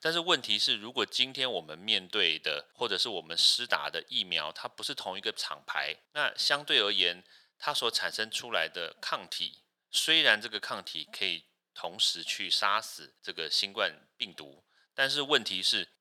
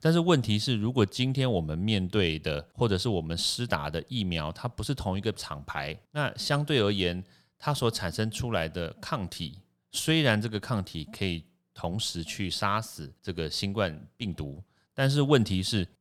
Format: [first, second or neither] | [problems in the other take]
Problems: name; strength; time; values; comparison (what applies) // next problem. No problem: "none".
second | thin; very; fading below 550 Hz